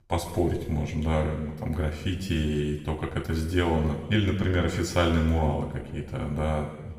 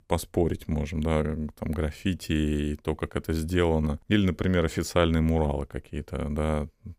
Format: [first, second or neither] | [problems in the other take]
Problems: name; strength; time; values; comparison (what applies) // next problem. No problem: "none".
second | room echo; noticeable; dies away in 1.2 s // off-mic speech; far